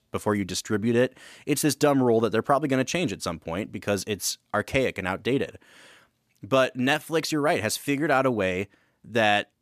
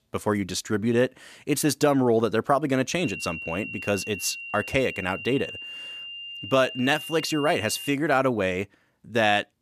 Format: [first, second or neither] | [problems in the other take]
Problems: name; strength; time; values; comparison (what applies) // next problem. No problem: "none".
first | high-pitched whine; noticeable; from 3 to 8 s; 3 kHz, 10 dB below the speech